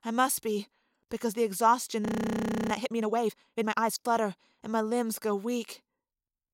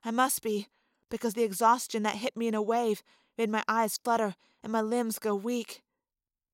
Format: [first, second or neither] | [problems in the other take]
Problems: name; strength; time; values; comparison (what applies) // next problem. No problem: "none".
second | audio freezing; at 2 s for 0.5 s